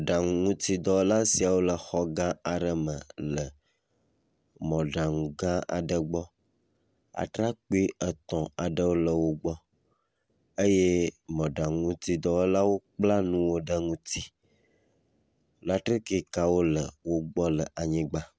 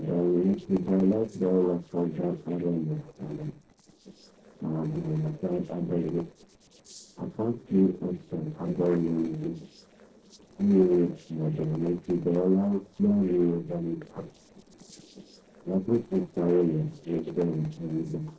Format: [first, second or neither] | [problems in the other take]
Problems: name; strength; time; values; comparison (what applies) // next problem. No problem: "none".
first | noise reduction (neural separator model SepFormer DNS4)